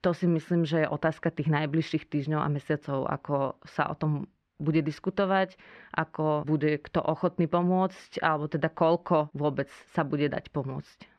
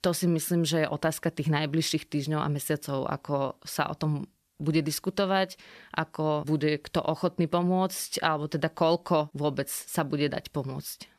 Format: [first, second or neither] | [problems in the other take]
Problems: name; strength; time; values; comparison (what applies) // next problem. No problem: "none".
second | muffled; very; fading above 2 kHz